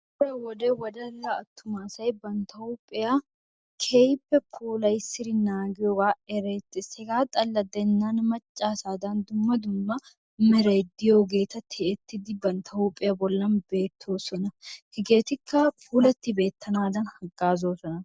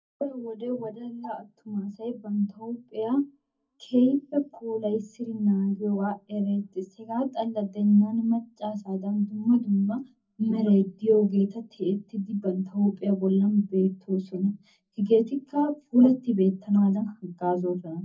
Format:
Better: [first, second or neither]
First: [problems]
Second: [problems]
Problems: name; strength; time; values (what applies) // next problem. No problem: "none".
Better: first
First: none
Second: room echo; dies away in 0.3 s